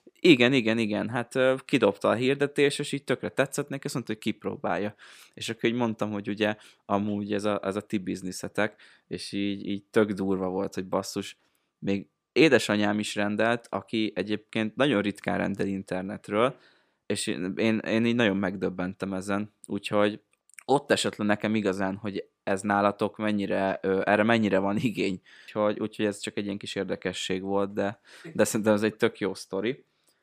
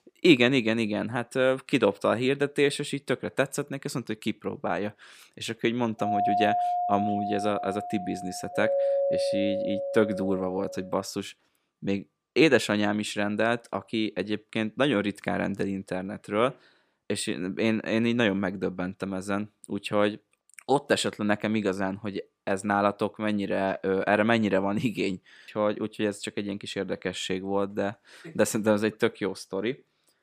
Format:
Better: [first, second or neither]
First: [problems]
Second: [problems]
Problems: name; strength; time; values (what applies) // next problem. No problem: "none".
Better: first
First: none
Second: doorbell; loud; from 6 to 11 s; peak 3 dB above the speech